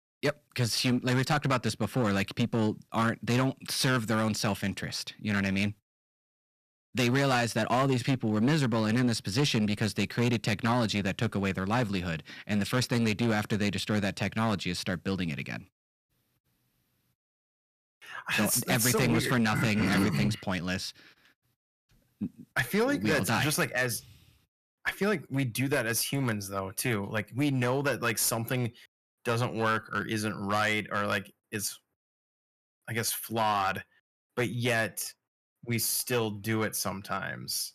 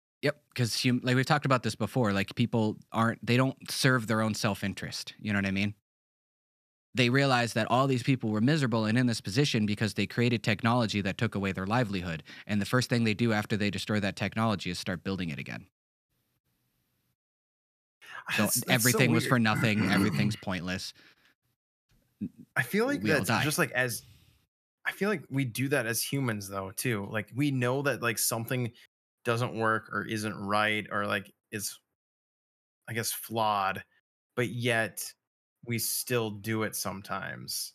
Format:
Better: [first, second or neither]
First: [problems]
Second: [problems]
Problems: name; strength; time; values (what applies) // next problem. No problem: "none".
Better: second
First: distortion; slight; 6% of the sound clipped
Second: none